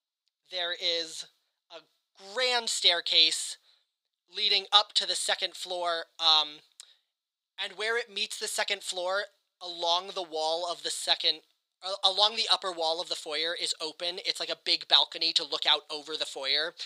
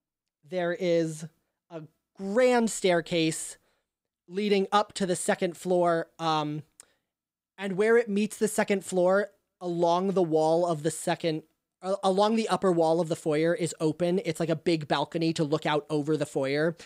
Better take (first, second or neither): second